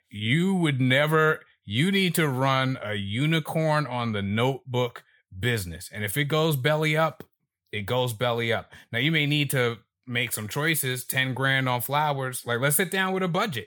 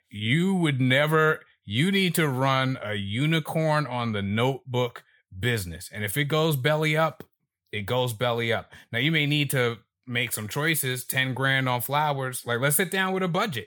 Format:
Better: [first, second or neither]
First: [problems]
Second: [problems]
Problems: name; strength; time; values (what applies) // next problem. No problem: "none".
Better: neither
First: none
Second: none